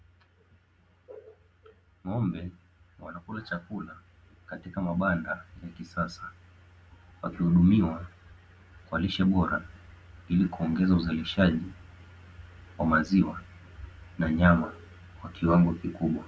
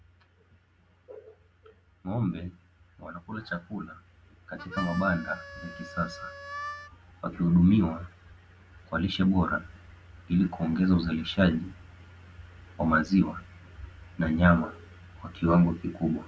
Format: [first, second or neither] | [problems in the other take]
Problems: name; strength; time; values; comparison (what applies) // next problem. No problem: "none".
first | background sound (Harmonica); 13 dB below the speech